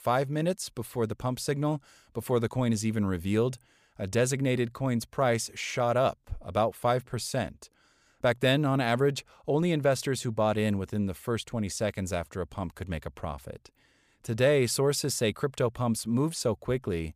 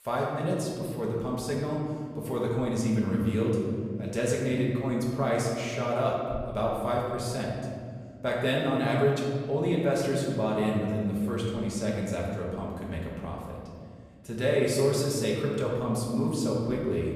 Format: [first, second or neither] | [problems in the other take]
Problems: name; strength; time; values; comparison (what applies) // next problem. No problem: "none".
first | room echo; noticeable; dies away in 2.1 s // off-mic speech; far